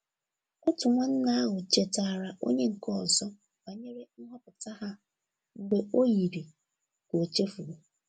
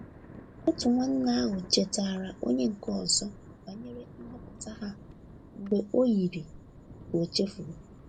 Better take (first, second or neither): first